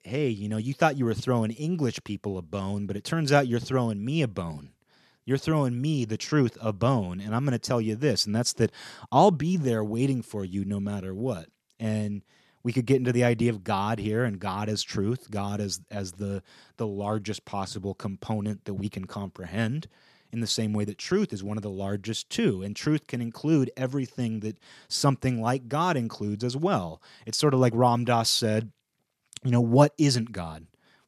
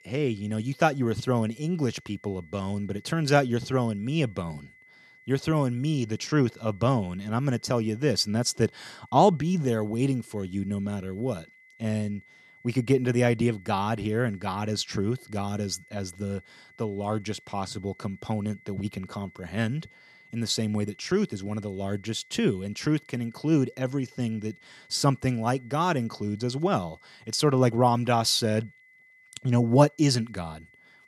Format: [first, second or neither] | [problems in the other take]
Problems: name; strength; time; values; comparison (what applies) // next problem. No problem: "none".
first | high-pitched whine; faint; throughout; 2 kHz, 25 dB below the speech